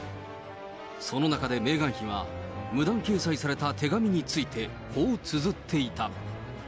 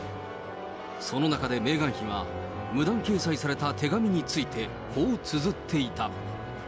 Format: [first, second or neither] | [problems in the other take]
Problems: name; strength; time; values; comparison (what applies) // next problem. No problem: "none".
first | background sound (Organ); 12 dB below the speech